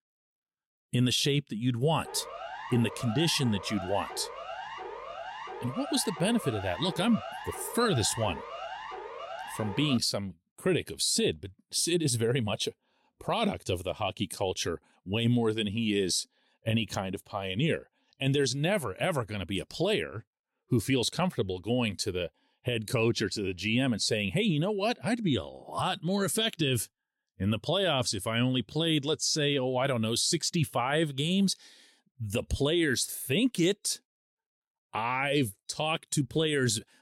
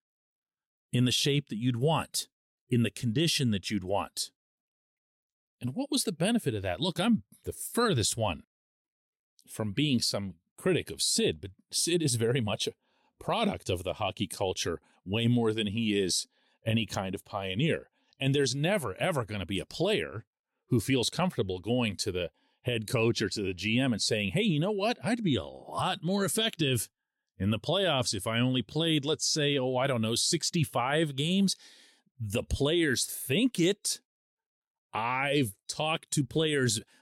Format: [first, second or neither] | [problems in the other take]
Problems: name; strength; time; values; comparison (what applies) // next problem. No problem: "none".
second | siren; noticeable; from 2 to 10 s; peak 10 dB below the speech